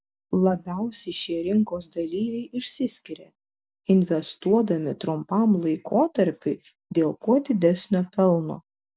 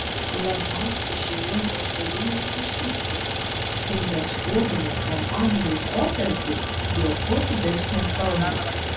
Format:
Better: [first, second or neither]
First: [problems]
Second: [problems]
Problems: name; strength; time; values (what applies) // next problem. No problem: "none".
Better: first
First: none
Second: background sound (Idling); 1 dB above the speech // room echo; dies away in 0.2 s